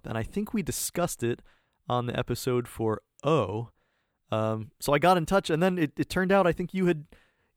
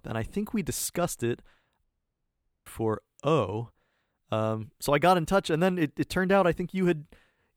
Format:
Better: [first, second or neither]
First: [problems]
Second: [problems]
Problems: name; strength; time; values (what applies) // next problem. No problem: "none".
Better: first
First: none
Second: audio cutting out; at 2 s for 1 s